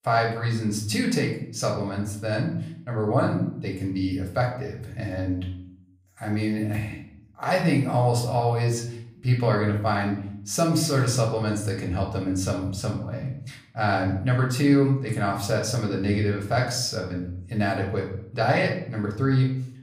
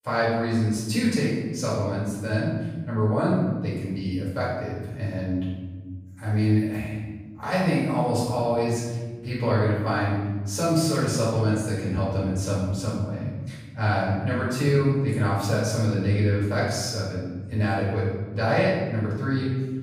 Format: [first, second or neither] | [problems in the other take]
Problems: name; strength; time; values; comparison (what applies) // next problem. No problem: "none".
first | room echo; strong; dies away in 1.3 s; slight in the first // off-mic speech; far; far in the first